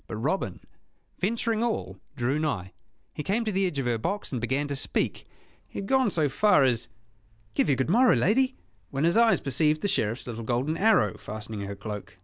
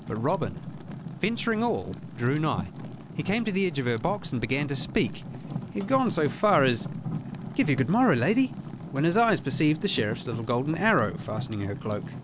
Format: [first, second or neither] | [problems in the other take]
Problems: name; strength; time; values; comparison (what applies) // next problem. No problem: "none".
first | background sound (Fire); 10 dB below the speech